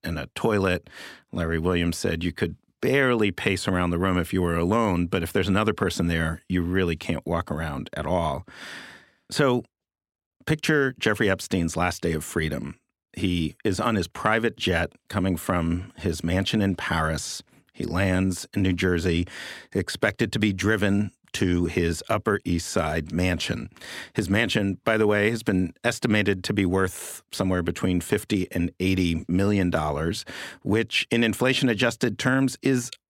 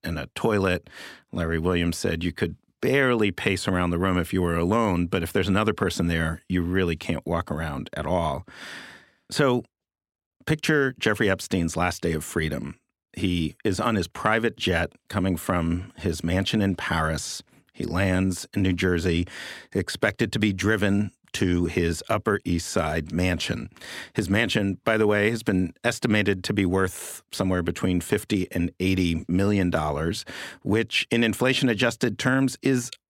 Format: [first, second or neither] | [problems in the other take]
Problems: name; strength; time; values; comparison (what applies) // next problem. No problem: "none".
neither | none